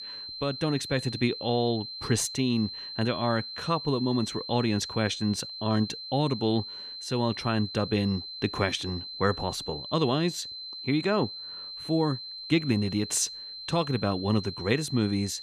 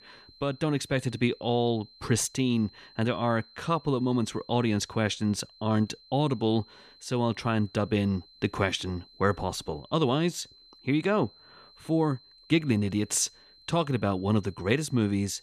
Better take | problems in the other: second | high-pitched whine; loud; throughout; 4 kHz, 8 dB below the speech; faint in the second

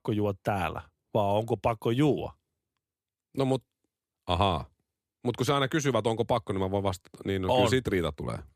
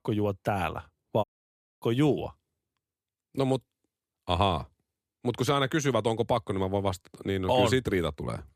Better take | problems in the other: first | audio cutting out; at 1 s for 0.5 s

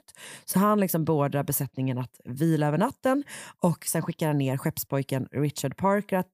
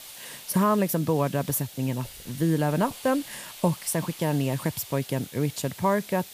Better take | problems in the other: first | hiss; noticeable; throughout; 15 dB below the speech

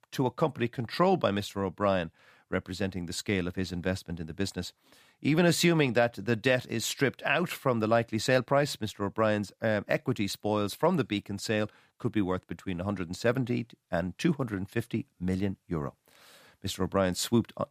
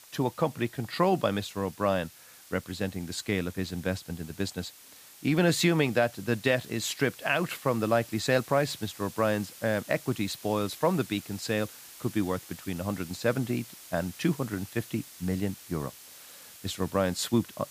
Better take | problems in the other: first | hiss; noticeable; throughout; 15 dB below the speech

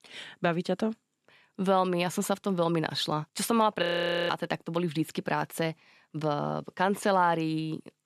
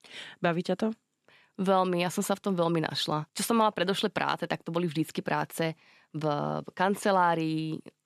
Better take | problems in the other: second | audio freezing; at 4 s

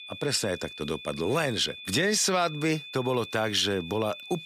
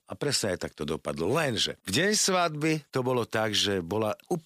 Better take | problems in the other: second | high-pitched whine; noticeable; throughout; 3.5 kHz, 15 dB below the speech

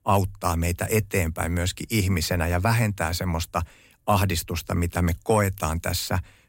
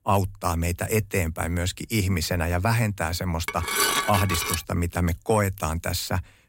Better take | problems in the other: first | clattering dishes; loud; from 3.5 to 4.5 s; peak 4 dB above the speech

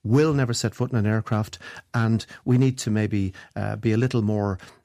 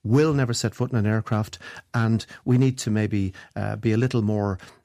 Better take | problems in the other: neither | none

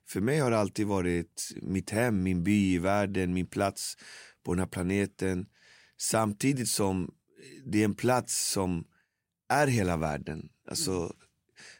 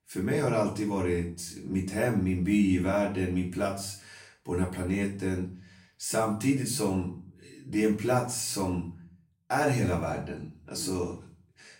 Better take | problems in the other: first | off-mic speech; far // room echo; slight; dies away in 0.4 s

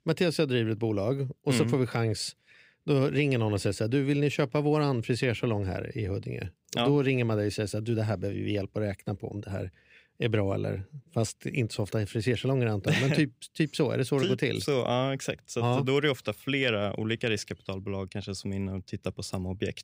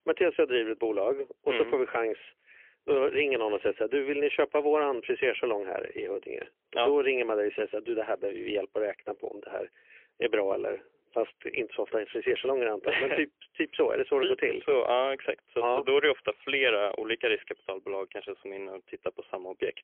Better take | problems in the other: first | phone-call audio; poor line; nothing above 3.5 kHz

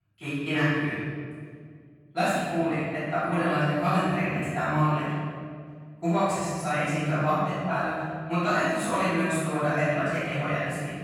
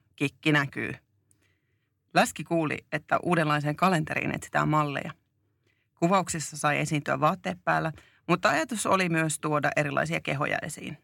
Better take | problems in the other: second | off-mic speech; far // room echo; strong; dies away in 1.8 s

